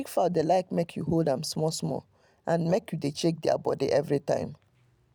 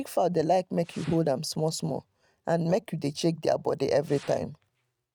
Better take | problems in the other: first | noise reduction (neural mask model RNNoise)

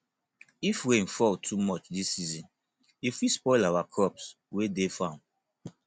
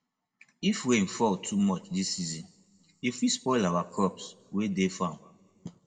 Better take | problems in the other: first | room echo; dies away in 0.7 s

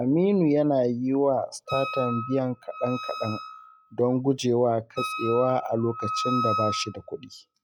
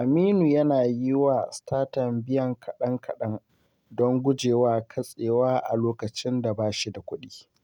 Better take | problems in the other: second | noise reduction (classical method log-MMSE)

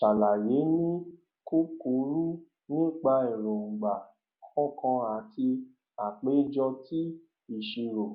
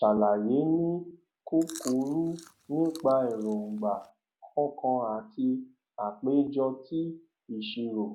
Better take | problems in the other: first | background sound (Chewing, mastication); 20 dB below the speech

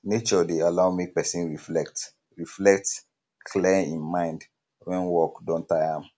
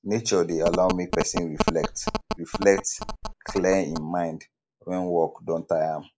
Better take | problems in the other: first | noise reduction (neural mask model Resemble Enhance denoiser)

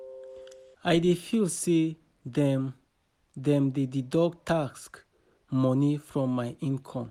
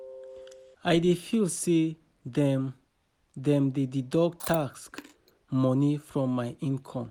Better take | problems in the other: first | background sound (Chewing, mastication); 17 dB below the speech

